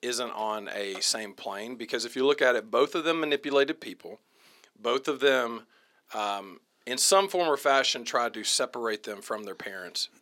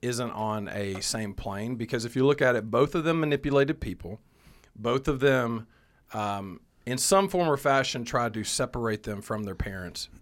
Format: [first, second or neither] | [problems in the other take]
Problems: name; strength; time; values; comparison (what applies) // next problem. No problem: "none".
second | thin; somewhat; fading below 300 Hz